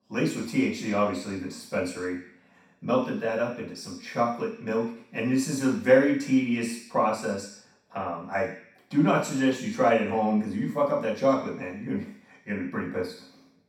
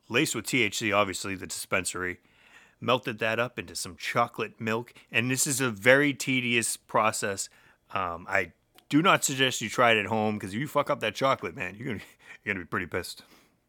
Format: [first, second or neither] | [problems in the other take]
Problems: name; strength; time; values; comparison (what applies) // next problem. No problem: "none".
second | room echo; noticeable; dies away in 0.6 s // off-mic speech; far